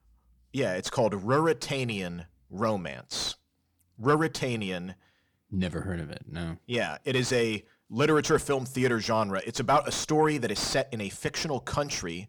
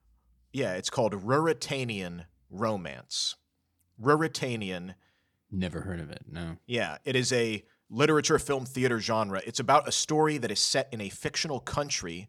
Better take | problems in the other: second | distortion; slight; 10 dB below the speech

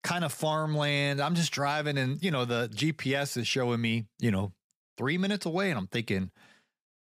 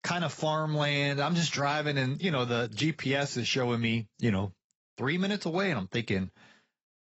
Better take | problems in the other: first | garbled, watery; badly; nothing above 7.5 kHz

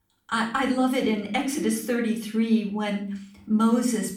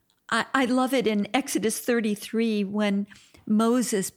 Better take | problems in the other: second | off-mic speech; far // room echo; slight; dies away in 0.4 s

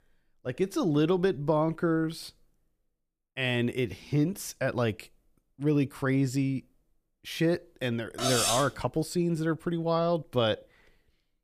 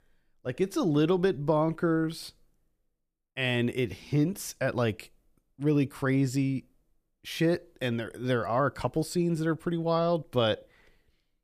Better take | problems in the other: second | clattering dishes; loud; at 8 s; peak 3 dB above the speech

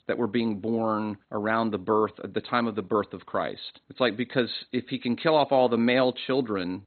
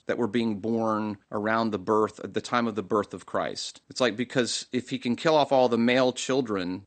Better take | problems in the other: second | garbled, watery; badly; nothing above 4 kHz; slightly in the second

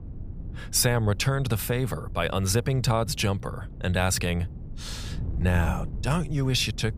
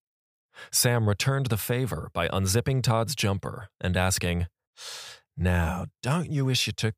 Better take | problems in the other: second | wind noise on the microphone; occasional gusts; 20 dB below the speech

